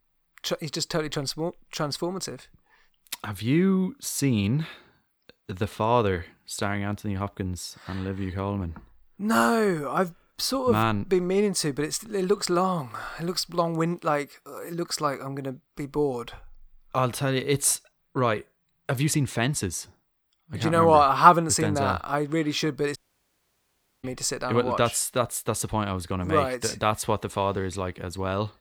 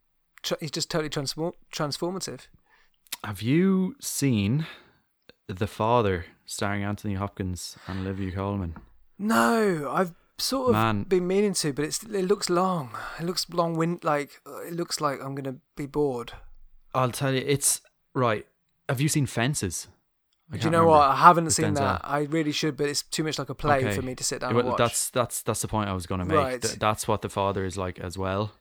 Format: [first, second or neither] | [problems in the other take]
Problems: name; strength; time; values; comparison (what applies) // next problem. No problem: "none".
second | audio cutting out; at 23 s for 1 s